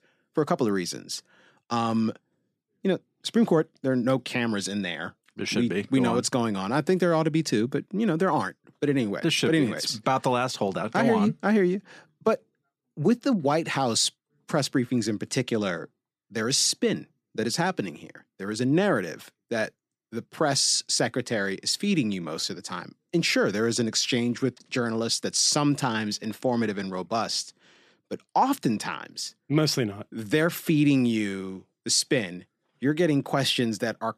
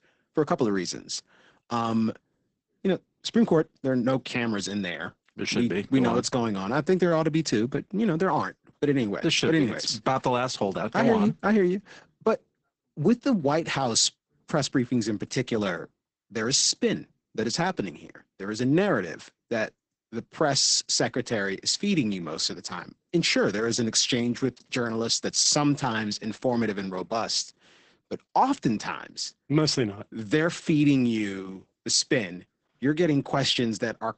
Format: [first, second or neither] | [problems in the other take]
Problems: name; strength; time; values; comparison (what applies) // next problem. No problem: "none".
first | garbled, watery; badly; nothing above 8 kHz